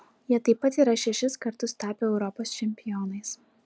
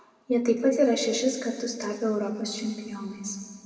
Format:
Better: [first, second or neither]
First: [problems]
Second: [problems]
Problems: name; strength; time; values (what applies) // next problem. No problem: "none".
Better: first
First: none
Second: room echo; dies away in 2.1 s